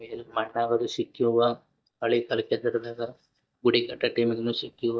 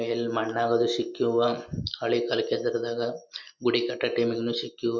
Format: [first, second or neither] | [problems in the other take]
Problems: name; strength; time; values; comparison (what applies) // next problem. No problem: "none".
second | noise reduction (neural mask model DeepFilterNet 3)